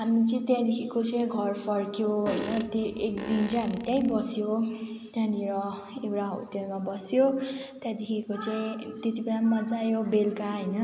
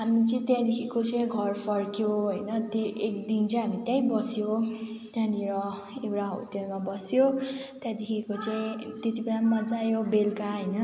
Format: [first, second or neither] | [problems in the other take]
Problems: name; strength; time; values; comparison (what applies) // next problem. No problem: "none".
second | background sound (Fart); 10 dB below the speech